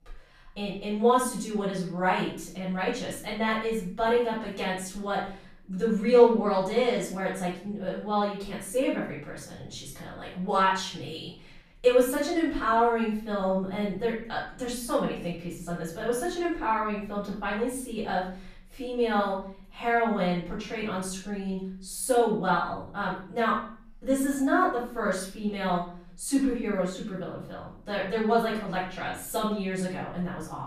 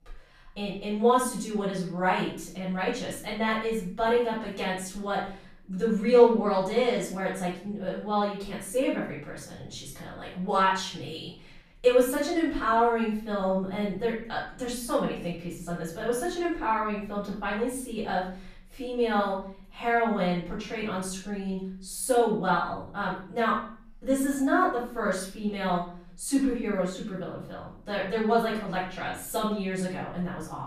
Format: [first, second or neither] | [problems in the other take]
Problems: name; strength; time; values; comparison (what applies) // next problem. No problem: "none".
neither | off-mic speech; far; the same in both // room echo; noticeable; dies away in 0.5 s; the same in both